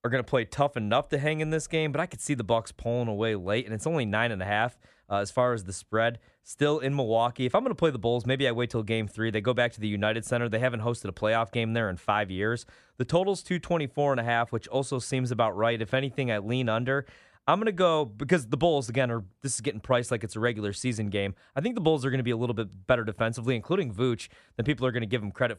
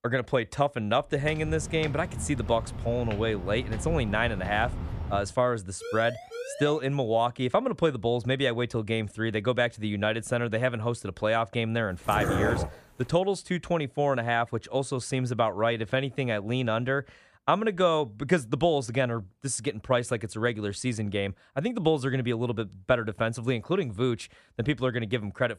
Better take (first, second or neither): first